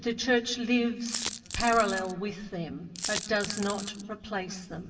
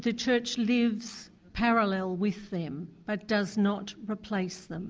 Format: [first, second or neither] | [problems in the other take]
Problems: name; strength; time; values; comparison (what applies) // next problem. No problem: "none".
second | background sound (Coin (dropping)); 7 dB below the speech // room echo; dies away in 1.1 s